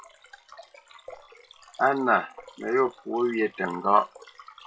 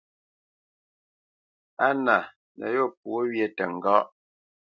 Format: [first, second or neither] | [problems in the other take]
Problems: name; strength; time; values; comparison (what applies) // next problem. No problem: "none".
second | noise reduction (classical method WPE with log-MMSE)